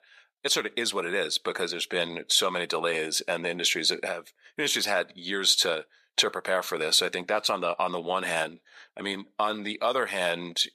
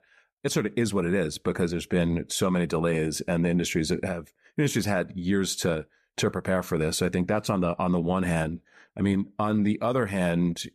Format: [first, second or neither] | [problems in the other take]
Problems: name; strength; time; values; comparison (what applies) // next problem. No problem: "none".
second | thin; very; fading below 550 Hz